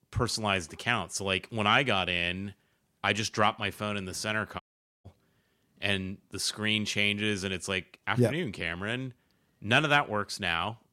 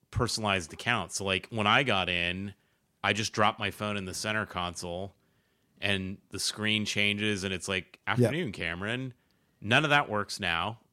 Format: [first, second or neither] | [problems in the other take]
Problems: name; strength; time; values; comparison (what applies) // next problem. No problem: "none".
second | audio cutting out; at 4.5 s